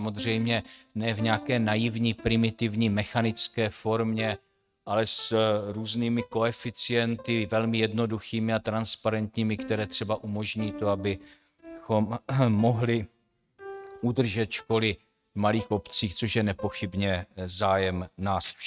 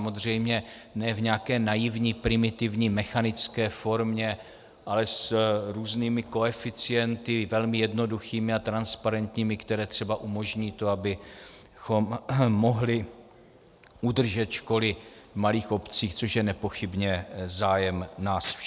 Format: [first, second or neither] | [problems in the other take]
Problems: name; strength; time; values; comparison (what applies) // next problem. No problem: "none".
second | noise reduction (neural mask model RNNoise)